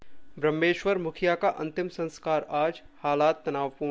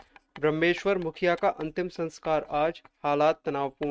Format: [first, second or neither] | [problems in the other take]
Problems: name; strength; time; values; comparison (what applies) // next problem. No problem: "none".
first | noise reduction (neural mask model RNNoise)